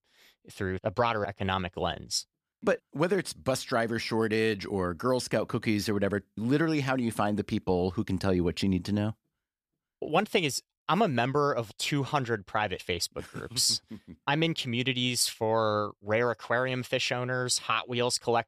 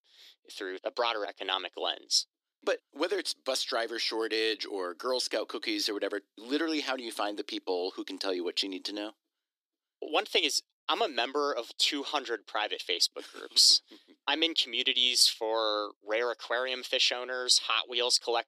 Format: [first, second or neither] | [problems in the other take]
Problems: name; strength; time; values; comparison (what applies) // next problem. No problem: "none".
first | thin; somewhat; fading below 300 Hz